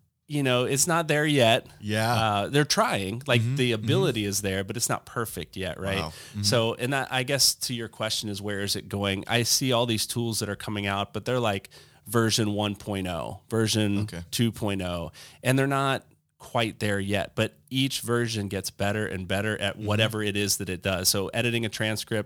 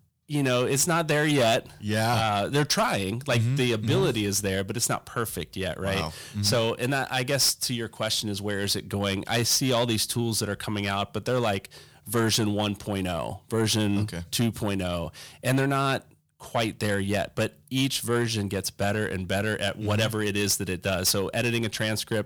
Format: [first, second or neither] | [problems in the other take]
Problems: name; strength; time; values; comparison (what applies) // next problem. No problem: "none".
first | distortion; slight; 10 dB below the speech